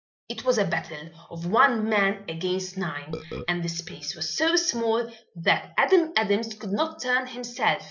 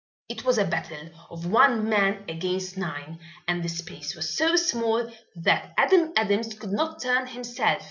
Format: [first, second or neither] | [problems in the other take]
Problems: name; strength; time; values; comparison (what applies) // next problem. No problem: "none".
second | noise reduction (neural mask model Resemble Enhance denoiser)